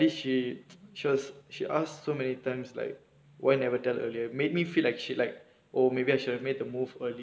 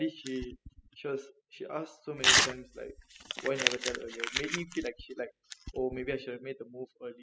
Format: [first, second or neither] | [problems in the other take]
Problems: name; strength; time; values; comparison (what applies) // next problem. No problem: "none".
first | noise reduction (classical method spectral subtraction)